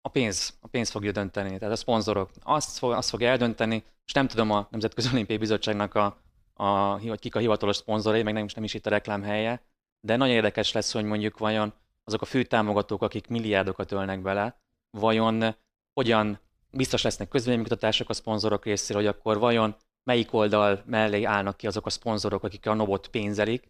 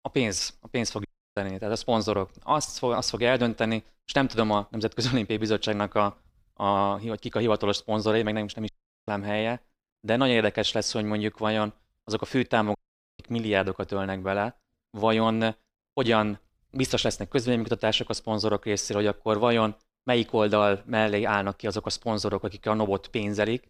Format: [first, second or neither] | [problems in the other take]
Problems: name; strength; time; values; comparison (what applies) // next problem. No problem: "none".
first | audio cutting out; at 1 s, at 8.5 s and at 13 s